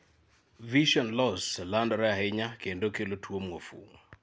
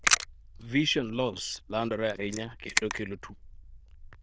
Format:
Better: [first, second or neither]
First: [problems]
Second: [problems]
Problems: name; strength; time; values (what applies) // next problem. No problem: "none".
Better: first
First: none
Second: noise reduction (neural diffusion model UNIVERSE++)